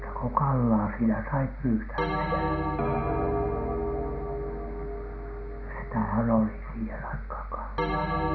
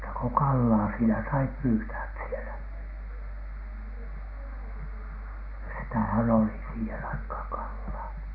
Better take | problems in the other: second | background sound (Bell); 3 dB below the speech

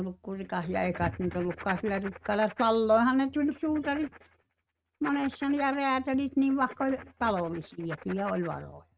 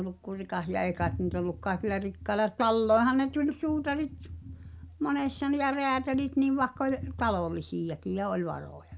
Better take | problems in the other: second | noise reduction (neural mask model RNNoise)

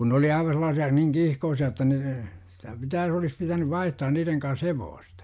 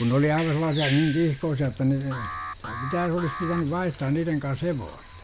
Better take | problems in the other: first | background sound (Bird vocalization, bird call, bird song + Alarm); 12 dB below the speech

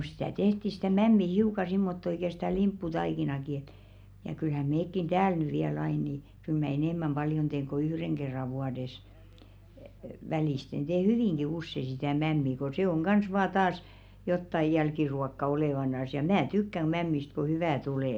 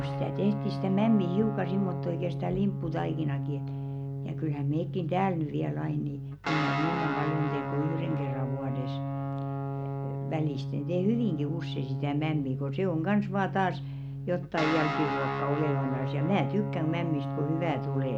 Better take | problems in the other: first | background sound (Guitar); 2 dB below the speech

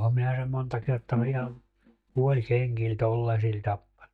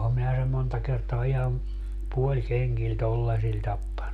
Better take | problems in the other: second | noise reduction (neural mask model DeepFilterNet 3)

